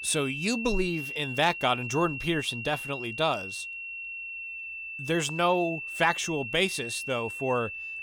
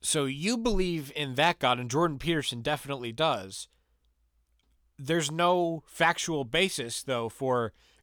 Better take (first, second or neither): second